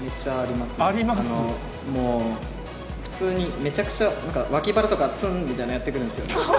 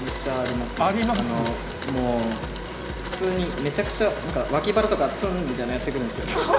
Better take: first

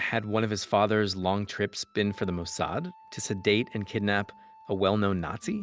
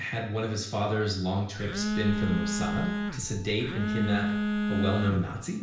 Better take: first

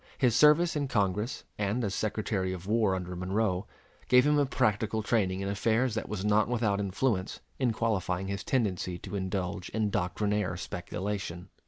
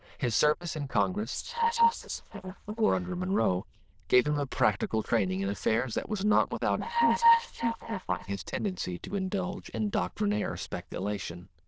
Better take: first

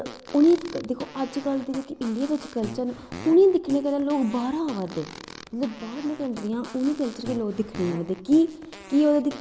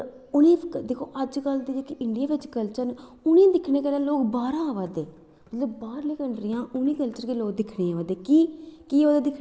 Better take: second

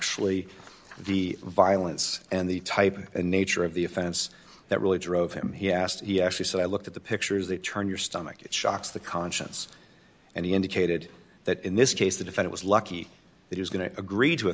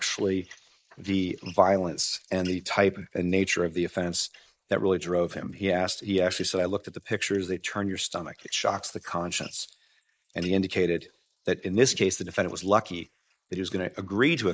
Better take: first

